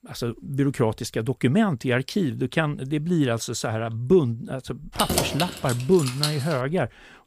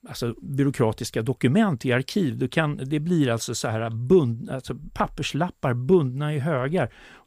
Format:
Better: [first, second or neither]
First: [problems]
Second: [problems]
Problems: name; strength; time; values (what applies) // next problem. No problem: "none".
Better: second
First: jangling keys; loud; from 5 to 6.5 s; peak 1 dB above the speech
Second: none